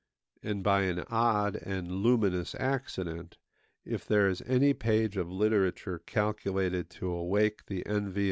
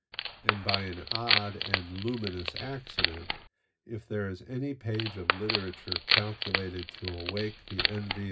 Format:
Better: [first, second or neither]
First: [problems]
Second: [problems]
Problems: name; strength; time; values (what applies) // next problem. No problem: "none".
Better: first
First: none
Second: background sound (Wood); 4 dB above the speech // room echo; dies away in 0.4 s